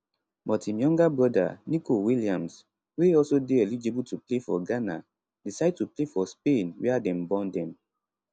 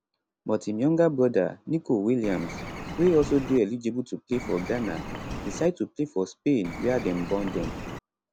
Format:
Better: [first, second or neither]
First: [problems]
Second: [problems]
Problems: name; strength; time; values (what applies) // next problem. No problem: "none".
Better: first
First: none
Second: background sound (Bird); 9 dB below the speech